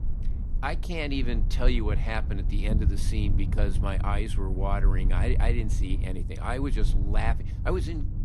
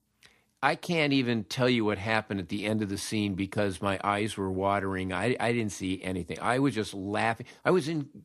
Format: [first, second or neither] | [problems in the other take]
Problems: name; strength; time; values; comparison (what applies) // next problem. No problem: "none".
second | low rumble; noticeable; throughout; 10 dB below the speech